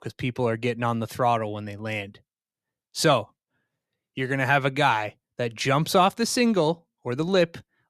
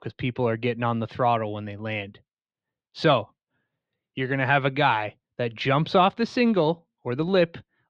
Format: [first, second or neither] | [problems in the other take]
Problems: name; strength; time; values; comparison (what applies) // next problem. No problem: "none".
first | muffled; slightly; fading above 3.5 kHz